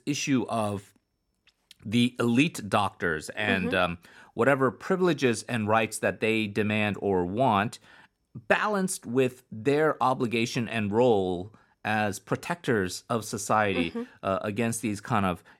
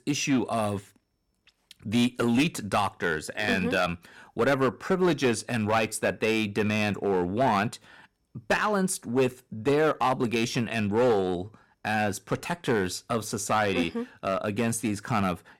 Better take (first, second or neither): first